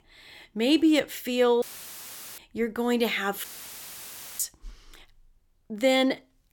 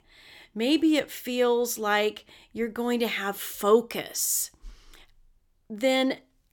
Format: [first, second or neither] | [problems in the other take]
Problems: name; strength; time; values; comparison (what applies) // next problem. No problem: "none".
second | audio cutting out; filled with static; at 1.5 s for 1 s and at 3.5 s for 1 s